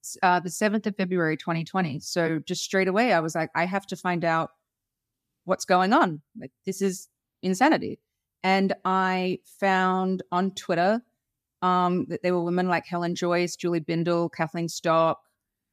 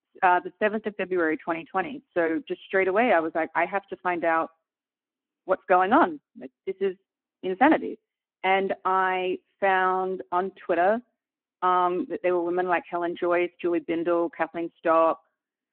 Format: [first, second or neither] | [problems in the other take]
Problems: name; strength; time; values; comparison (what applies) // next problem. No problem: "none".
first | phone-call audio